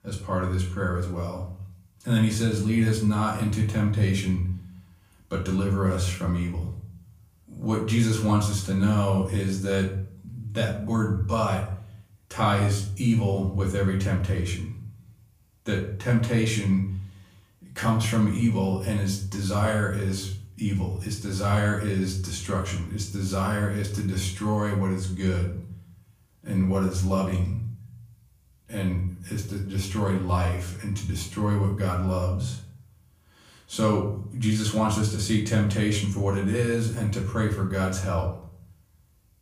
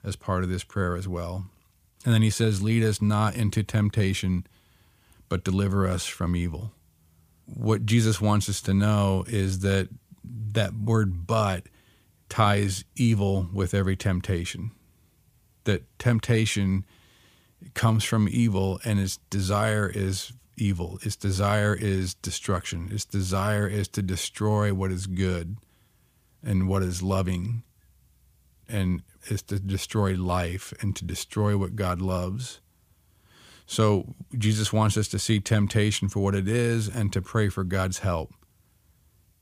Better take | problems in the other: second | off-mic speech; far // room echo; slight; dies away in 0.5 s

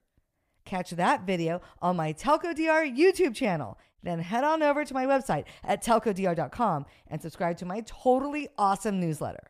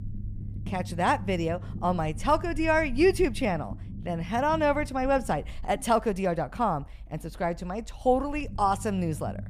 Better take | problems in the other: first | low rumble; faint; throughout; 25 dB below the speech

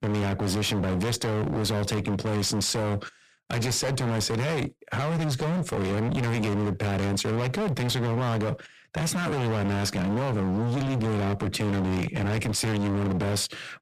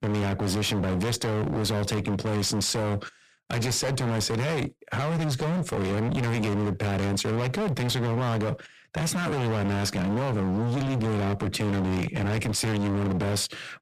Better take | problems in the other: neither | distortion; heavy; 48% of the sound clipped; the same in both

